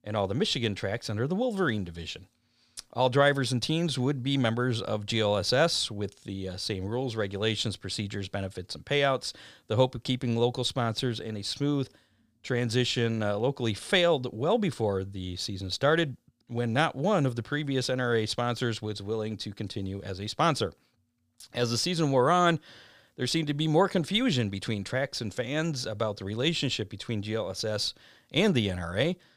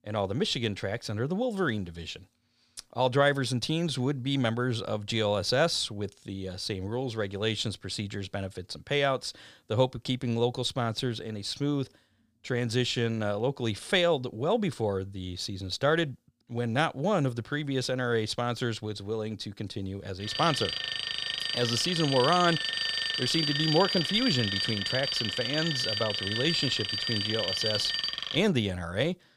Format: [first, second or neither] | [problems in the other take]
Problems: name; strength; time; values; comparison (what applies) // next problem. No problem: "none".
first | alarm; loud; from 20 to 28 s; peak 2 dB above the speech